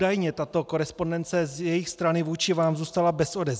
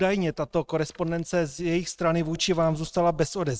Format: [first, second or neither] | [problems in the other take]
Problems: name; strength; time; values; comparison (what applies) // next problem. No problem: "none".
first | noise reduction (neural mask model RNNoise)